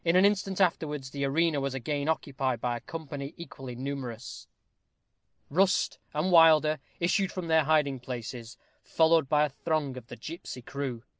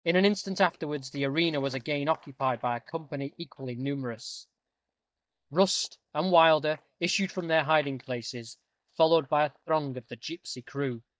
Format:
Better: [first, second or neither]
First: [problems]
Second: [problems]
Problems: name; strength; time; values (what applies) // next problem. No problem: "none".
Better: first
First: none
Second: noise reduction (neural mask model DeepFilterNet 3)